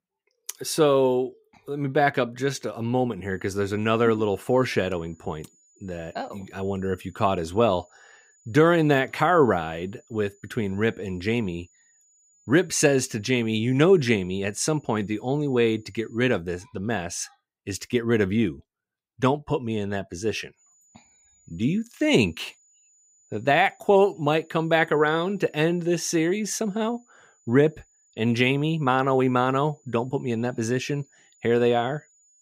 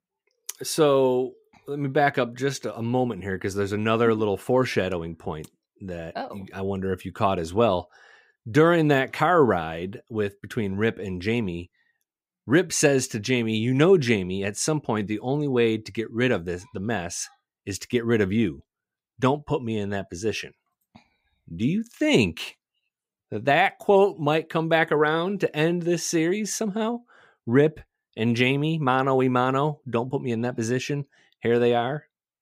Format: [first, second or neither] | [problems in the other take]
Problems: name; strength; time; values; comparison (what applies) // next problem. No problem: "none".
second | high-pitched whine; faint; from 3.5 to 16 s and from 21 s on; 7 kHz, 35 dB below the speech